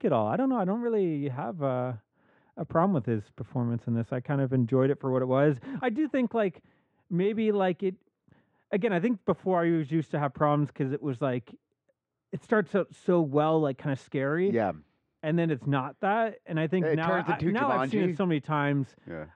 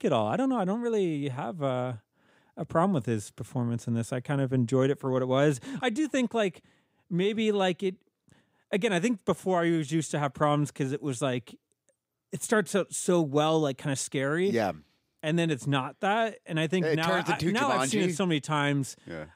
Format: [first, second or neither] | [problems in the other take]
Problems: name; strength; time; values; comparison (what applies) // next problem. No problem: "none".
second | muffled; very; fading above 2 kHz